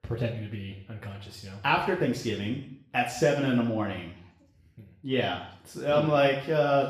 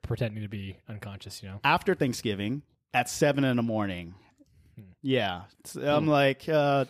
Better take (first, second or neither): second